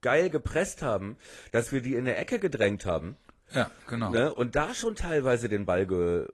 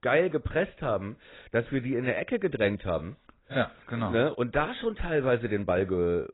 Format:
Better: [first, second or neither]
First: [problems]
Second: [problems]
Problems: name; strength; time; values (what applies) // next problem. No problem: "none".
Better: first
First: garbled, watery; slightly; nothing above 12 kHz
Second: garbled, watery; badly; nothing above 4 kHz